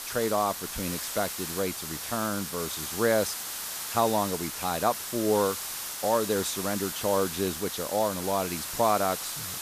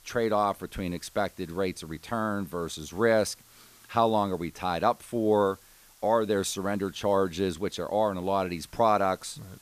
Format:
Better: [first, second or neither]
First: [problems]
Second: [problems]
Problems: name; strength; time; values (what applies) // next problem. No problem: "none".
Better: second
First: hiss; loud; throughout; 4 dB below the speech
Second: hiss; faint; throughout; 25 dB below the speech